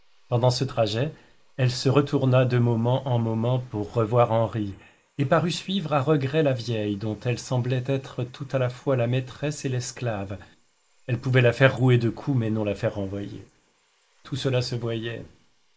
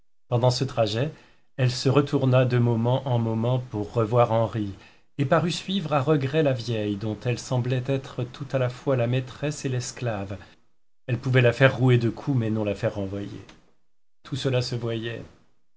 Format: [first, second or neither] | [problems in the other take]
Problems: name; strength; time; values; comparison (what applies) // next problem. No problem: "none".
second | noise reduction (neural mask model Resemble Enhance denoiser)